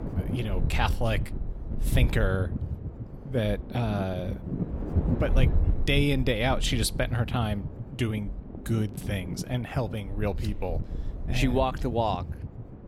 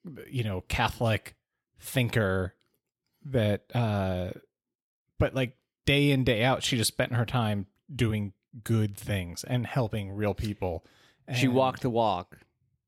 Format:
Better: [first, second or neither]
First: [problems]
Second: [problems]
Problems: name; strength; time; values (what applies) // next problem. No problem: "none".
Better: second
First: wind noise on the microphone; occasional gusts; 10 dB below the speech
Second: none